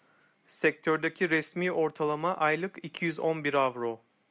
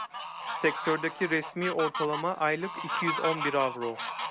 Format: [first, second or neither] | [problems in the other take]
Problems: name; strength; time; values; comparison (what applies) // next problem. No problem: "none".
first | background sound (Fowl); 5 dB below the speech